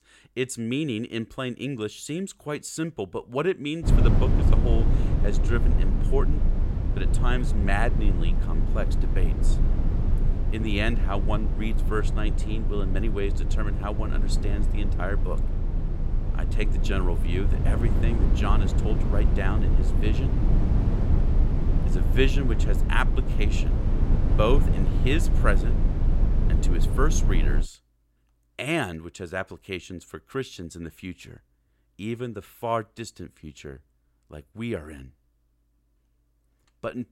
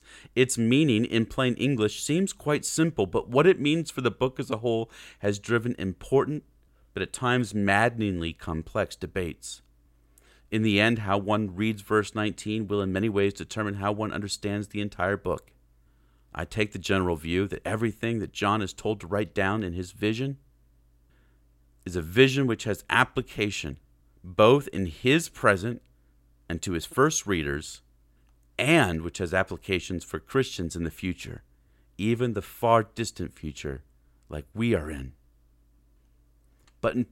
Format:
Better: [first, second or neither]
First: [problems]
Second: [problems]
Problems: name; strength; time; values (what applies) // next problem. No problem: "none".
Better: second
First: low rumble; loud; from 4 to 28 s; 6 dB below the speech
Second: none